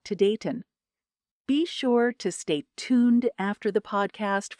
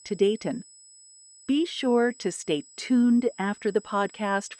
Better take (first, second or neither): first